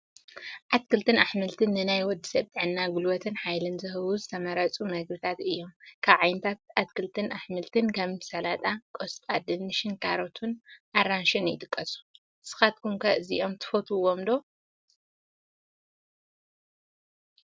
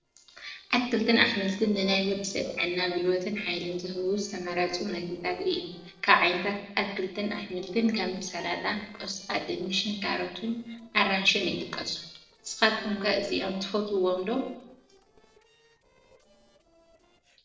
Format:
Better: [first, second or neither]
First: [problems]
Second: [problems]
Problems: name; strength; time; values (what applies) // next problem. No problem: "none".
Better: first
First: none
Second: noise reduction (neural separator model SepFormer DNS4)